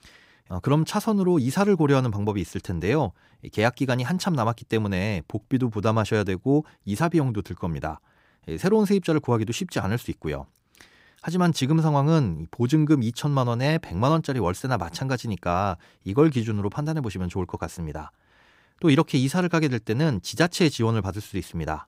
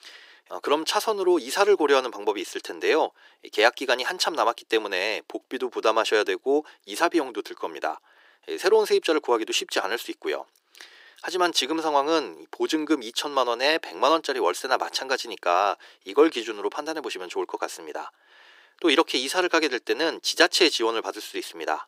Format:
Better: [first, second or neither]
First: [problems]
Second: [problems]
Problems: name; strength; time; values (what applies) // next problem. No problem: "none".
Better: first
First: none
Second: thin; very; fading below 350 Hz